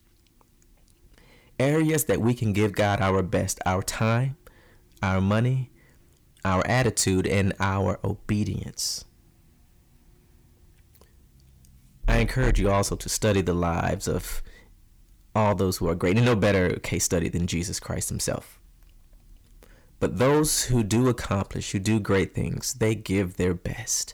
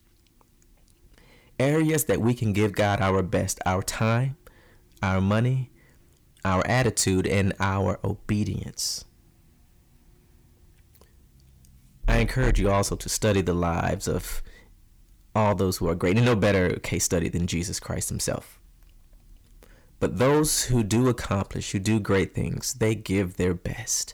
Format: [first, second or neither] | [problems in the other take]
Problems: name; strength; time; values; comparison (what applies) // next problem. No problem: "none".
neither | distortion; slight; 10 dB below the speech; the same in both